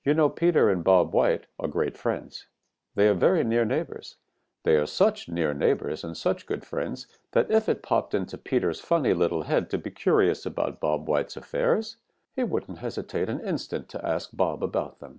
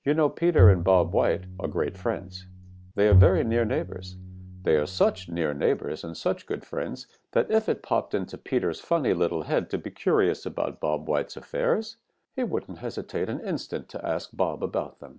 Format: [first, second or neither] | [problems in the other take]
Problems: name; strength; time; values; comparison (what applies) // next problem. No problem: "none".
first | background sound (Bowed string instrument); as loud as the speech